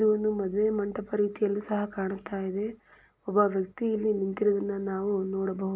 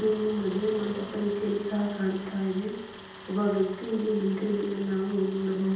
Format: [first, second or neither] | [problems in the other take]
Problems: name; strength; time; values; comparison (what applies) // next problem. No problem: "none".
first | background sound (Tools); 16 dB below the speech // room echo; dies away in 0.9 s